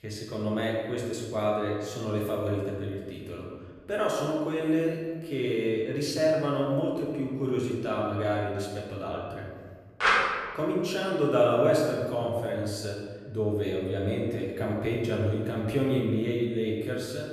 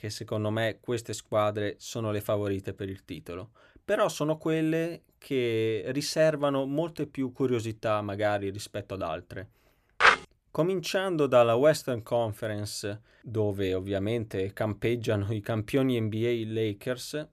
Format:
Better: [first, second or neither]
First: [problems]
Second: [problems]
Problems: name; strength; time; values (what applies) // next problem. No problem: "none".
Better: second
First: room echo; noticeable; dies away in 1.3 s // off-mic speech; far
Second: none